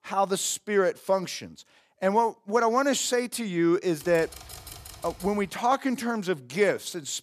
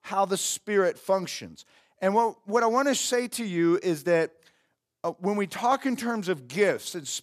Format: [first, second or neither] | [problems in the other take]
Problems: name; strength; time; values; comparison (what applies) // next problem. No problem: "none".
second | keyboard typing; faint; from 4 to 5.5 s; peak 15 dB below the speech